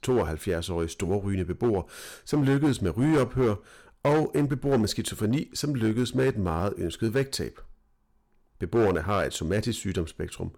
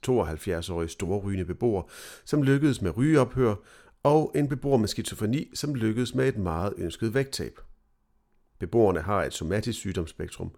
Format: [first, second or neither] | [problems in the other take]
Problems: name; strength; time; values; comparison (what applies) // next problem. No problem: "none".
second | distortion; slight; 5% of the sound clipped